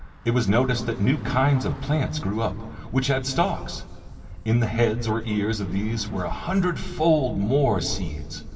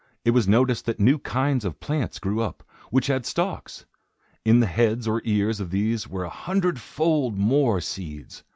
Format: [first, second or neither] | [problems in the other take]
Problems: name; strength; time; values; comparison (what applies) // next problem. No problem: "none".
second | background sound (Traffic noise, roadway noise / Bus); 11 dB below the speech // room echo; dies away in 2.9 s